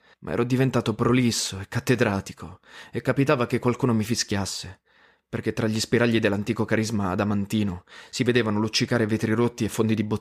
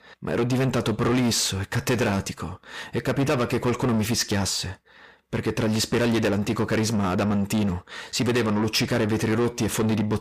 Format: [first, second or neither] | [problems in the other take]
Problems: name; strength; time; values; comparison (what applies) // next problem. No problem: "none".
first | distortion; heavy; 7 dB below the speech